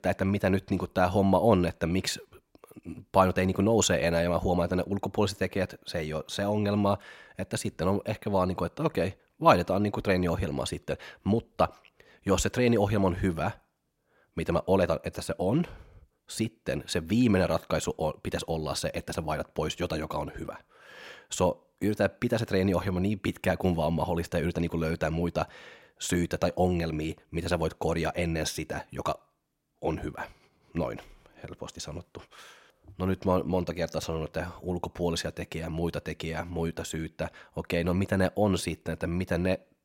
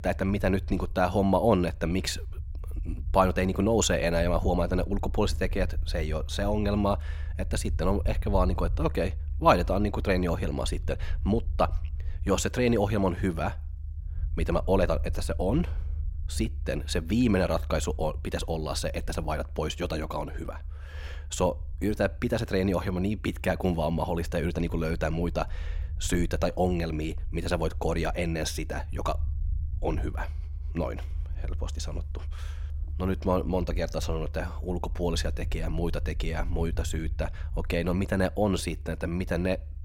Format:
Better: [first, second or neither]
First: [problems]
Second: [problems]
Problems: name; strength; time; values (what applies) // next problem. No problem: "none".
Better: first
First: none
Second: low rumble; faint; throughout; 25 dB below the speech